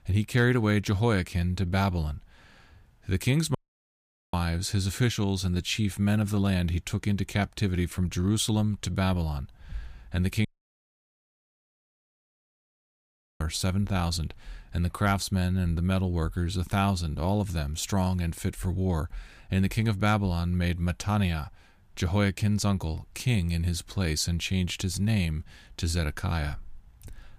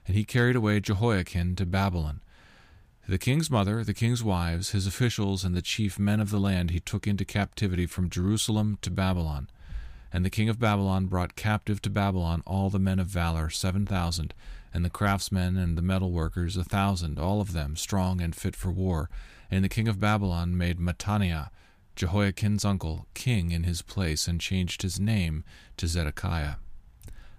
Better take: second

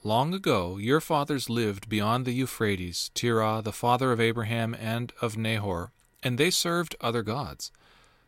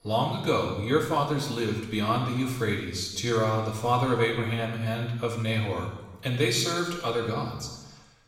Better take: first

